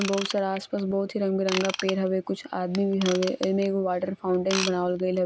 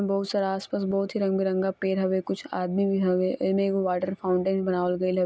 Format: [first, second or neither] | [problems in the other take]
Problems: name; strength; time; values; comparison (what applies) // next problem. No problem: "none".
second | background sound (Ratchet, pawl / Tools); 11 dB below the speech